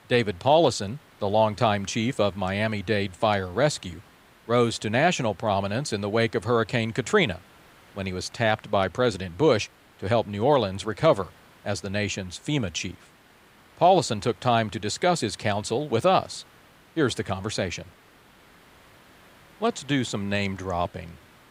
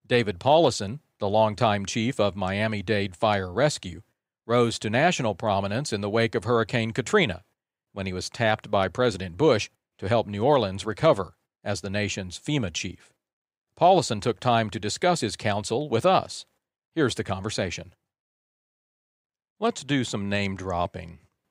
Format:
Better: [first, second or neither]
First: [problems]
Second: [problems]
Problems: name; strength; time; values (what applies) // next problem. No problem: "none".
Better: second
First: hiss; faint; throughout; 30 dB below the speech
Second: none